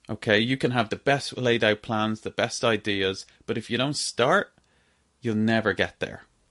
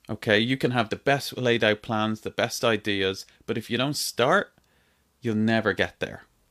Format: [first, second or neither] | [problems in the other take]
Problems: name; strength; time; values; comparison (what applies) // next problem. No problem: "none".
second | garbled, watery; slightly; nothing above 11 kHz